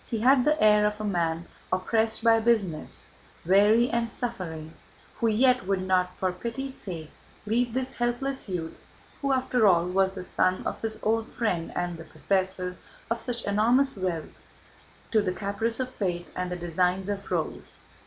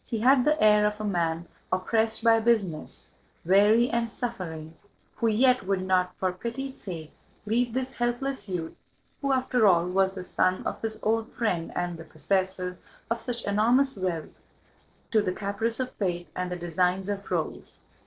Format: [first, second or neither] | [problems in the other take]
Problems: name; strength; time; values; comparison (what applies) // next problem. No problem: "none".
first | noise reduction (neural separator model SepFormer DNS4)